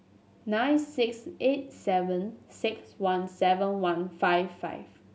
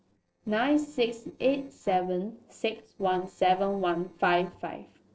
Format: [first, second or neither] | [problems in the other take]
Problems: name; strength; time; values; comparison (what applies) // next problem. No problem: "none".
first | noise reduction (neural separator model SepFormer DNS4)